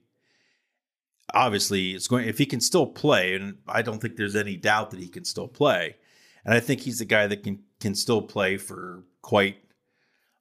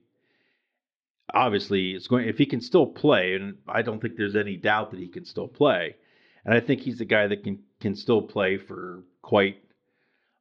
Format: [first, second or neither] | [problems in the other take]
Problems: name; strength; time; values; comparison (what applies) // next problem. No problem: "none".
first | muffled; slightly; fading above 4 kHz